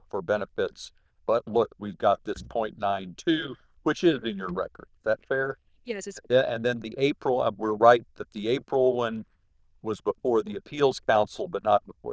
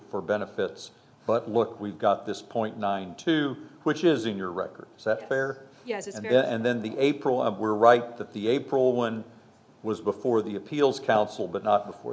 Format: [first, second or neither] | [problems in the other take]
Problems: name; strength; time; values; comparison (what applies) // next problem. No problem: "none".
second | noise reduction (neural diffusion model UNIVERSE++)